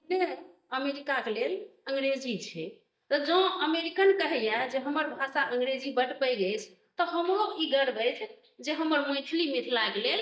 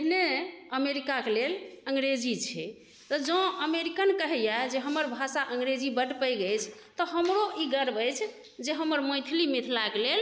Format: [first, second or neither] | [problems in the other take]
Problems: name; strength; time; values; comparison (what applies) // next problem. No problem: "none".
second | noise reduction (neural mask model DeepFilterNet 3)